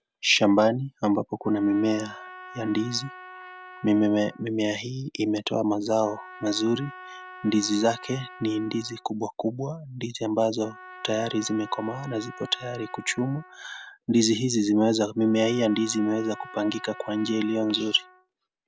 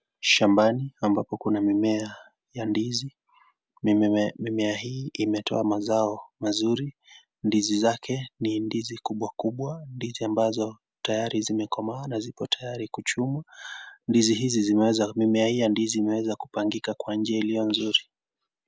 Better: second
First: background sound (Trumpet); 19 dB below the speech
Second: none

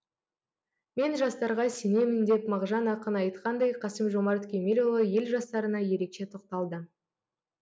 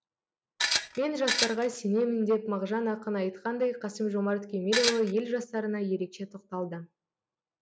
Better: first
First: none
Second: background sound (Tools); 1 dB above the speech

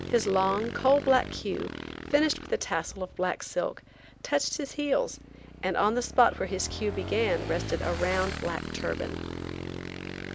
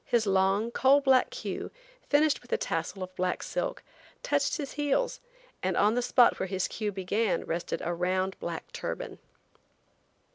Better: second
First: background sound (Motorcycle / Engine); 9 dB below the speech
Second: none

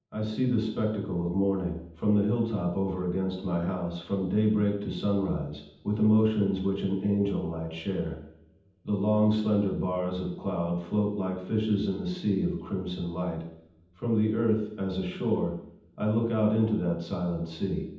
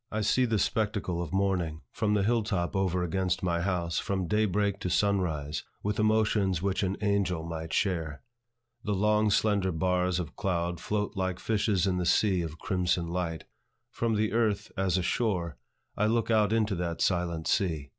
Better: second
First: room echo; dies away in 0.8 s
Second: none

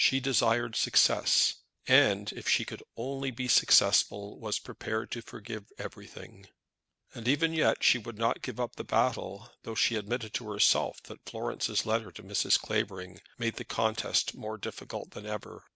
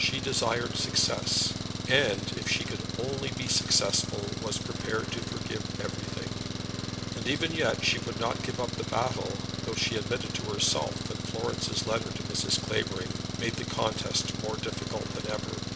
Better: first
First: none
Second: background sound (Engine); 3 dB below the speech // room echo; dies away in 1 s

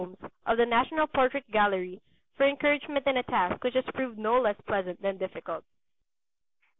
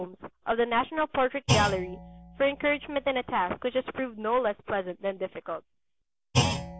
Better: first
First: none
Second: background sound (Thump, thud); 5 dB below the speech

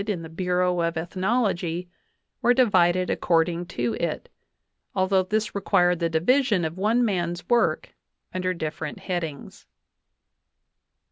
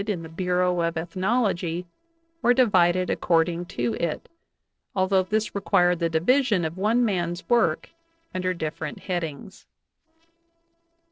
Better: first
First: none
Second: noise reduction (neural separator model SepFormer DNS4)

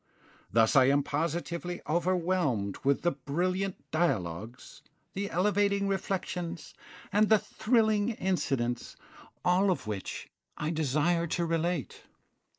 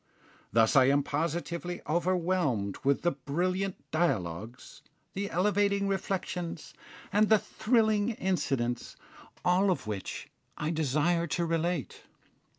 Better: second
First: noise reduction (neural mask model Resemble Enhance denoiser)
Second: none

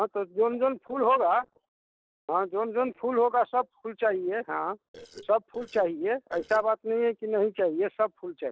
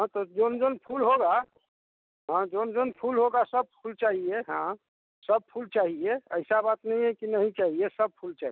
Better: second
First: noise reduction (neural separator model SepFormer DNS4)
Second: none

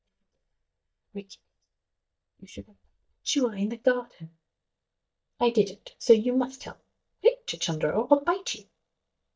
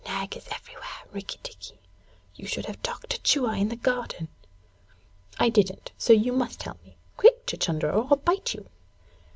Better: second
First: noise reduction (neural mask model DeepFilterNet 3)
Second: none

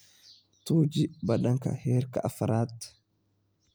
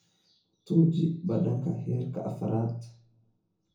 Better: first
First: none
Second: room echo; dies away in 0.6 s

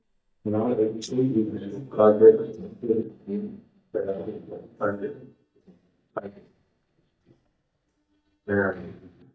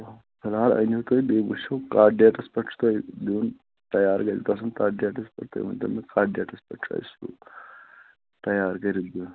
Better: second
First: noise reduction (neural mask model DeepFilterNet 3)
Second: none

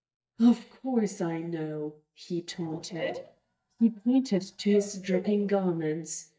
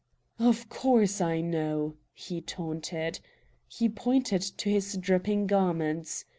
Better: second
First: noise reduction (neural mask model DeepFilterNet 3)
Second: none

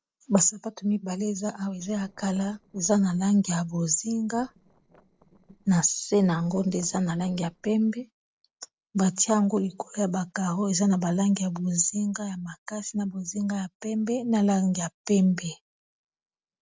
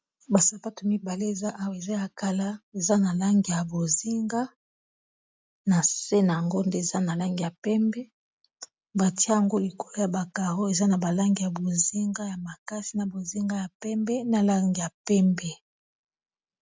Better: second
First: noise reduction (neural separator model SepFormer DNS4)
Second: none

